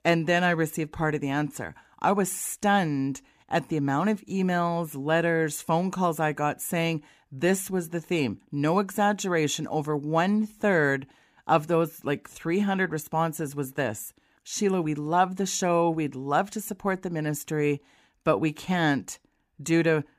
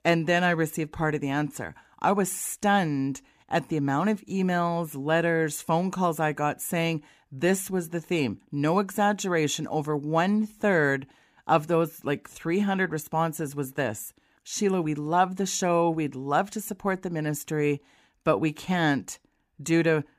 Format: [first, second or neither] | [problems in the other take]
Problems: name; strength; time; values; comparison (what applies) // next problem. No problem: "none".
neither | none